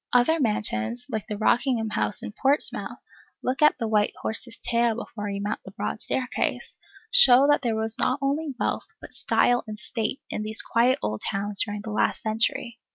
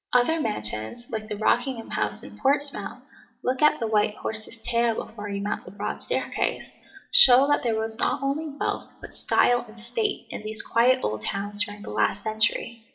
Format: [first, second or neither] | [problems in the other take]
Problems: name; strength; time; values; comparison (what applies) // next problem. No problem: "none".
first | room echo; dies away in 1.1 s